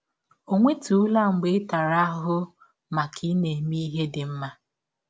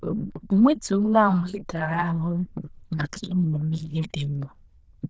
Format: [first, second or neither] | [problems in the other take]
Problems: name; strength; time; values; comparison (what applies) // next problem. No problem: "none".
first | noise reduction (neural diffusion model UNIVERSE++)